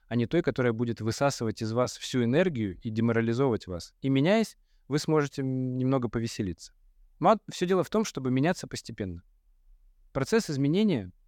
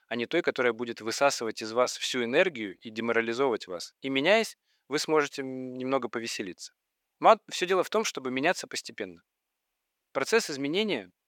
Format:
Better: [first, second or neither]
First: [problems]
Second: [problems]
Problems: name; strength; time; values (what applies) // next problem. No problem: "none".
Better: first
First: none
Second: thin; somewhat; fading below 450 Hz